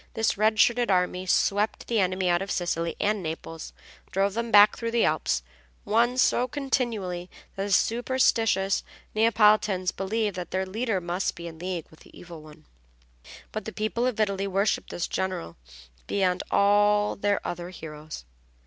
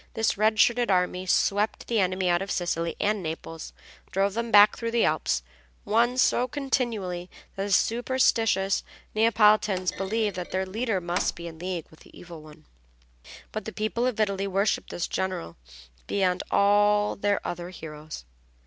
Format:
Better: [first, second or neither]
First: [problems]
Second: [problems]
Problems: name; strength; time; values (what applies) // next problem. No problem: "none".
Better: first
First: none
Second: background sound (Thump, thud); 13 dB below the speech